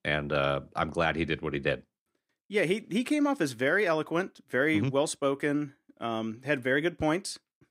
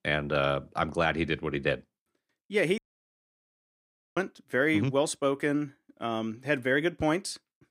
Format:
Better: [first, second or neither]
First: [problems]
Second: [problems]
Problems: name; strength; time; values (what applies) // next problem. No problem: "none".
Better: first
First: none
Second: audio cutting out; at 3 s for 1.5 s